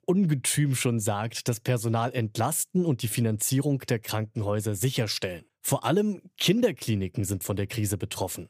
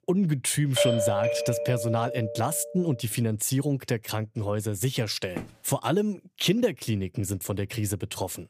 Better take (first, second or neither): first